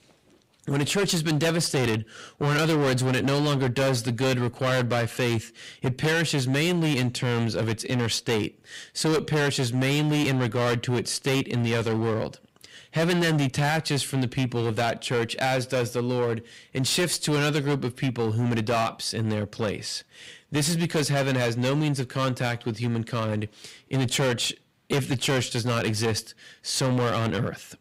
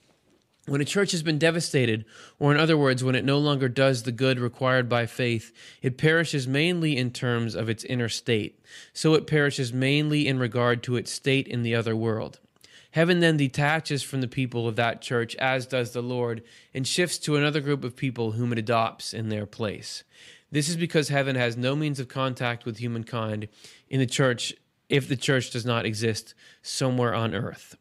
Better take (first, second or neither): second